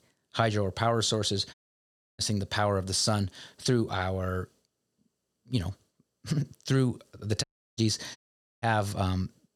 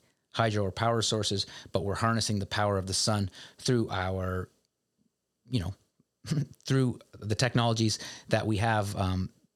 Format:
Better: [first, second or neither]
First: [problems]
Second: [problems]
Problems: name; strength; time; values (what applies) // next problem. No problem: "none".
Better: second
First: audio cutting out; at 1.5 s for 0.5 s, at 7.5 s and at 8 s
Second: none